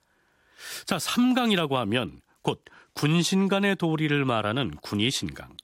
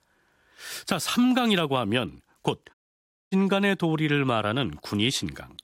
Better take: first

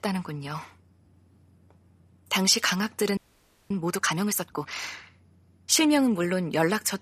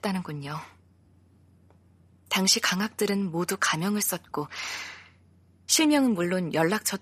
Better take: second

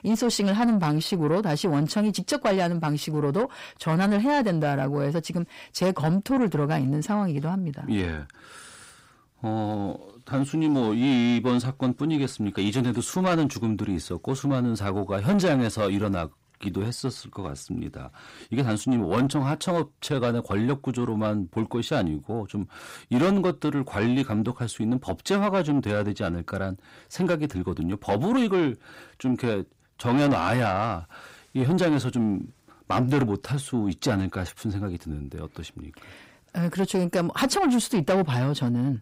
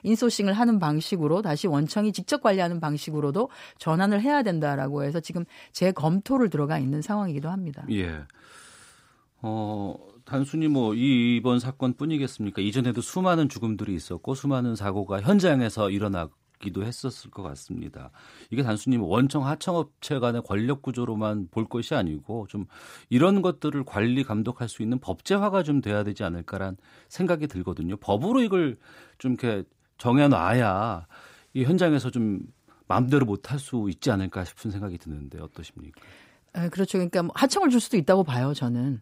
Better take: second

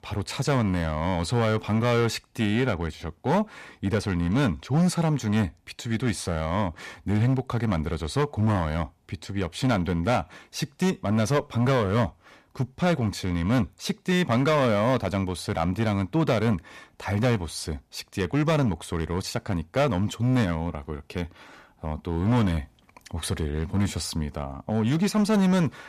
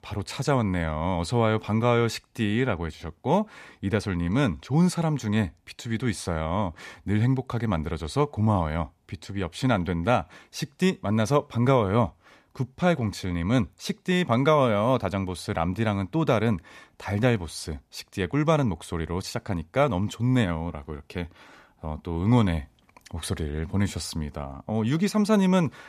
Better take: second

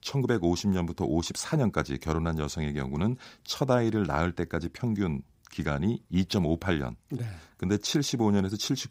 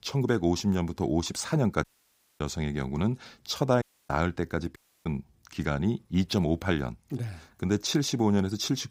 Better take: first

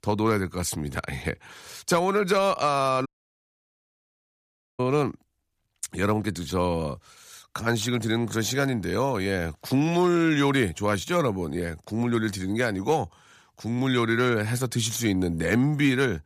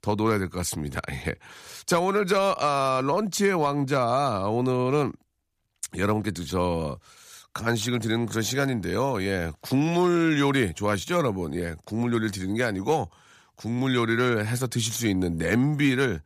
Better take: second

